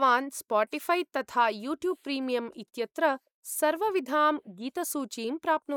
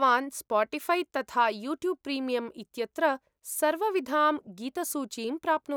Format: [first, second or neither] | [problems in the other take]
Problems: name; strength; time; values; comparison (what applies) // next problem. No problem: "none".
second | noise reduction (neural mask model Resemble Enhance denoiser)